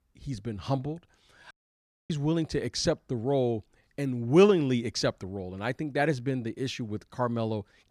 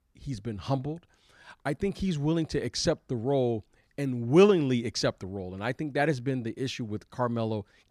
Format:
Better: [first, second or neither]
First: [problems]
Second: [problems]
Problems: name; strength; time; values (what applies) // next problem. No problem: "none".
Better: second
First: audio cutting out; at 1.5 s for 0.5 s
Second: none